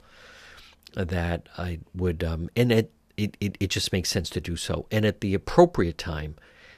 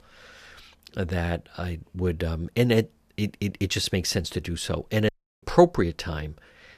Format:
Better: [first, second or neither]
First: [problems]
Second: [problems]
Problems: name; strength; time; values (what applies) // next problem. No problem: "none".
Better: first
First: none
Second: audio cutting out; at 5 s